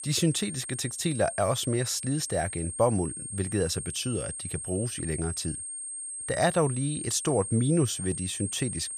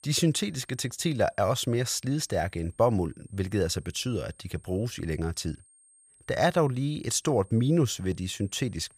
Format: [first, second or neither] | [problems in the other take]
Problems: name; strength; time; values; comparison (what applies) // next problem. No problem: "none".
second | high-pitched whine; loud; throughout; 8.5 kHz, 6 dB below the speech; faint in the second